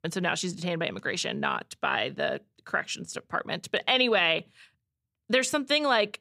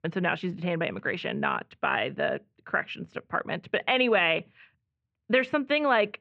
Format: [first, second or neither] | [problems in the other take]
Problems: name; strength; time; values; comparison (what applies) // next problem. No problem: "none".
first | muffled; very; fading above 2.5 kHz